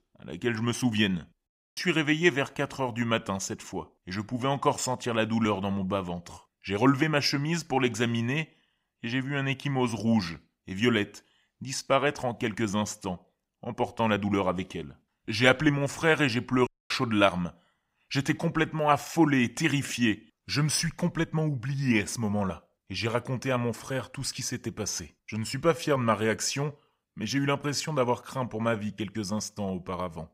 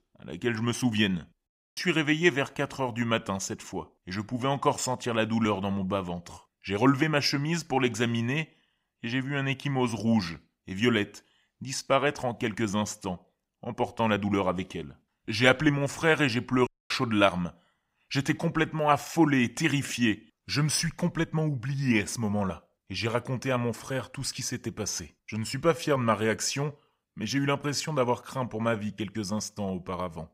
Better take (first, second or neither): neither